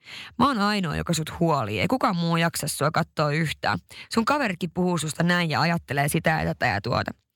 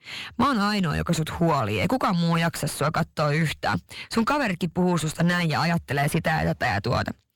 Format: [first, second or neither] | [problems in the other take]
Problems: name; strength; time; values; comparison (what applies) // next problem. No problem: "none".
first | distortion; slight; 10 dB below the speech